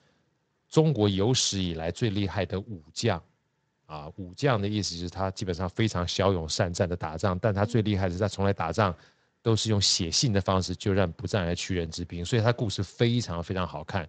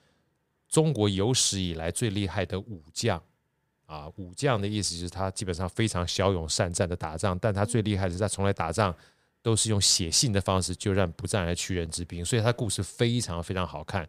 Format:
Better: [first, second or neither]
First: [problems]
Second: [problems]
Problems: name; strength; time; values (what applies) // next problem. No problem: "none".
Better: second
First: garbled, watery; slightly; nothing above 8 kHz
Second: none